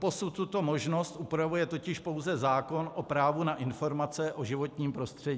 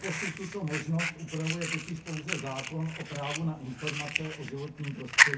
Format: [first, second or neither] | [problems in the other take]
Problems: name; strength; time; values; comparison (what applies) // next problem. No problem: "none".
first | background sound (Fire); 3 dB above the speech // room echo; dies away in 0.3 s